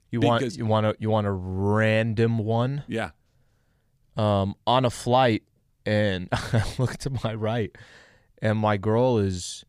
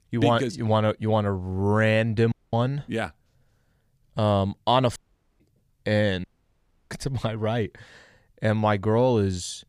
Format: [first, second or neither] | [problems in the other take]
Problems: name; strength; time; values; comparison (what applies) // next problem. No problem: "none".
first | audio cutting out; at 2.5 s, at 5 s and at 6 s for 0.5 s